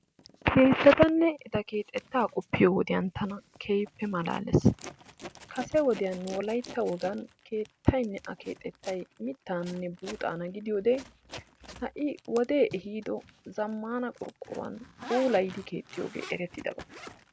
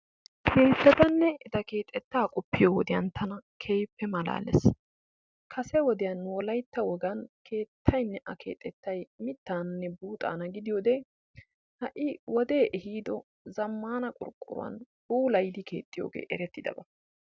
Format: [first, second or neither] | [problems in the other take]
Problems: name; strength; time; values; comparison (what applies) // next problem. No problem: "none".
second | background sound (Zipper (clothing)); 20 dB below the speech